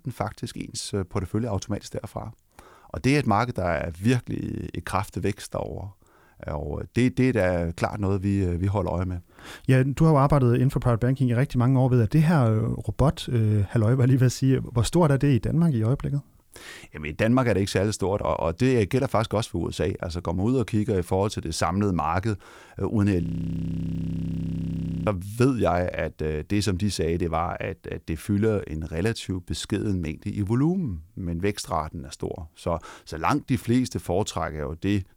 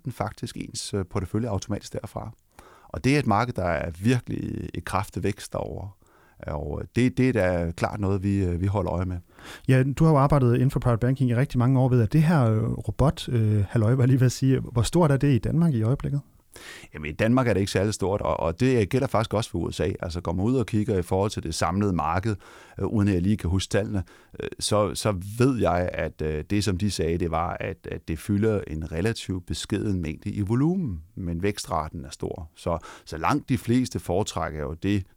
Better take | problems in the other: second | audio freezing; at 23 s for 2 s

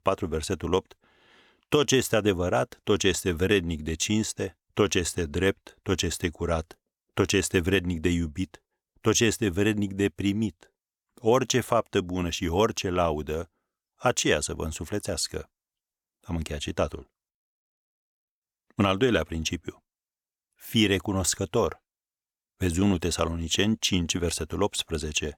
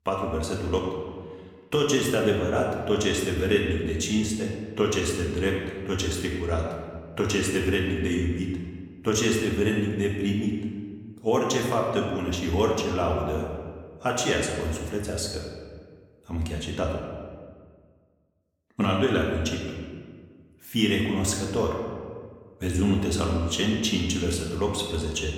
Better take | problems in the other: first | room echo; noticeable; dies away in 1.5 s // off-mic speech; somewhat distant

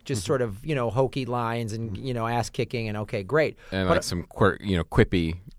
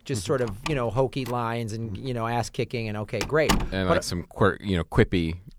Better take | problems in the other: first | door banging; loud; from 0.5 to 3.5 s; peak 1 dB above the speech

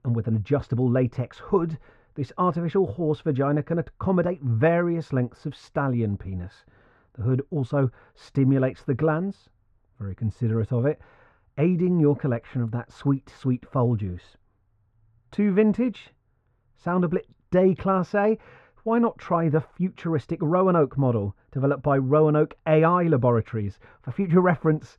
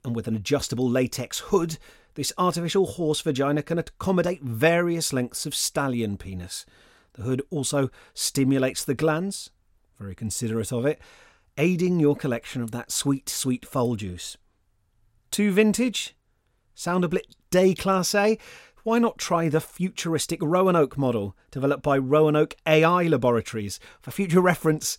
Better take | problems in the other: second | muffled; very; fading above 1.5 kHz

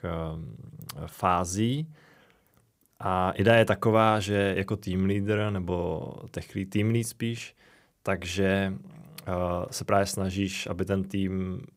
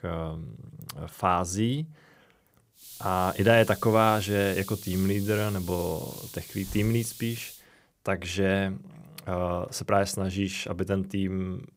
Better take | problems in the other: first | hiss; noticeable; from 3 to 7.5 s; 15 dB below the speech

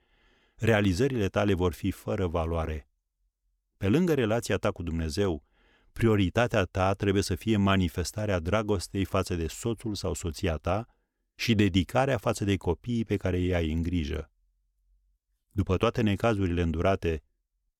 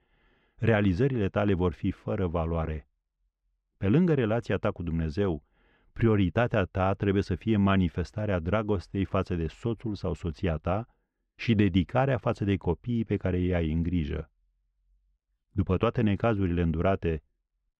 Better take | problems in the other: first | muffled; slightly; fading above 2.5 kHz

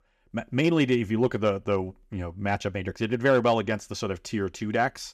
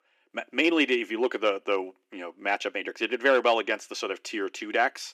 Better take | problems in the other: first | thin; somewhat; fading below 300 Hz

